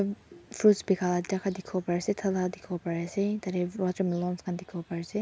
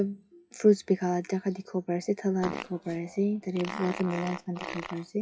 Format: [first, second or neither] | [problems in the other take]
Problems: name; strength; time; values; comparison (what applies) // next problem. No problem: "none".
first | noise reduction (classical method WPE with log-MMSE)